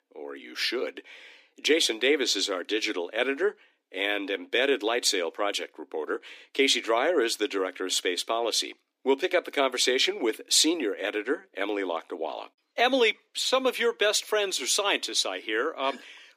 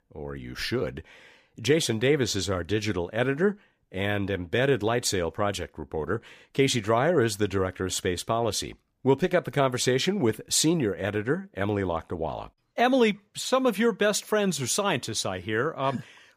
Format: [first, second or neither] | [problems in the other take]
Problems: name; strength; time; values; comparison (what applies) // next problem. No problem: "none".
second | thin; somewhat; fading below 300 Hz